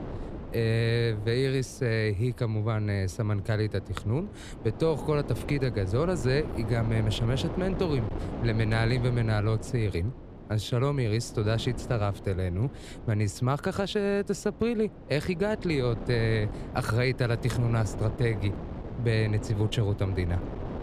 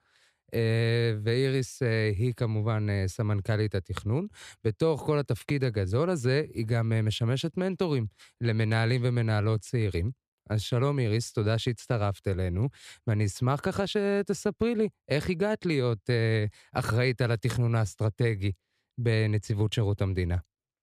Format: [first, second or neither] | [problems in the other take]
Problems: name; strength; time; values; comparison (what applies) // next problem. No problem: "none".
second | wind noise on the microphone; occasional gusts; 10 dB below the speech